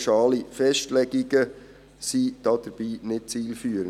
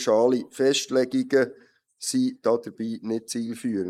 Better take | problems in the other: first | noise reduction (neural mask model Resemble Enhance denoiser)

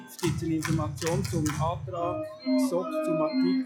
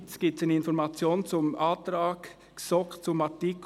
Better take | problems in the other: second | noise reduction (classical method log-MMSE)

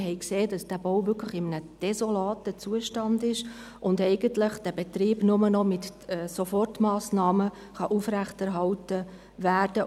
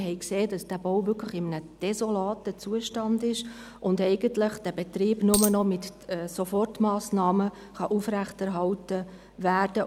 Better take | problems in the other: first | background sound (Coin (dropping)); 2 dB below the speech

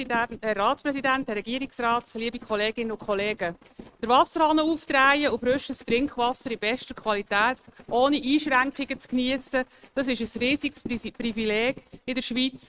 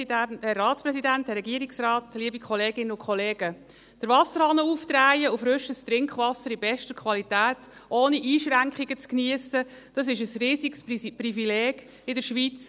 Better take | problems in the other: second | noise reduction (neural mask model RNNoise)

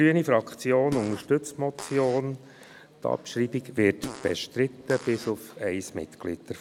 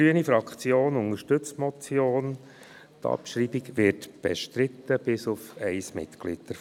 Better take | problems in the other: second | background sound (Fart); 15 dB below the speech

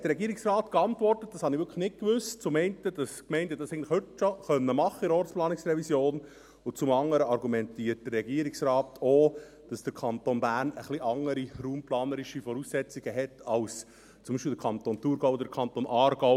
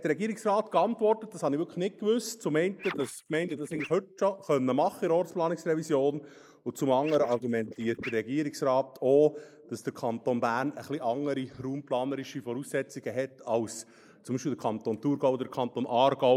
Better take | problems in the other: first | noise reduction (neural mask model Resemble Enhance denoiser)

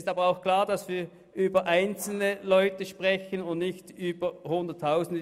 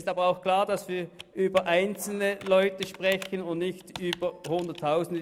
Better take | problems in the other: first | background sound (Computer keyboard); 18 dB below the speech

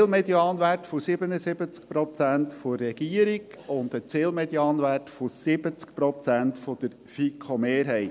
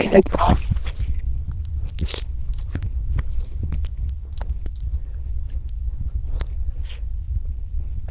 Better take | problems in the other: first | noise reduction (neural diffusion model UNIVERSE++)

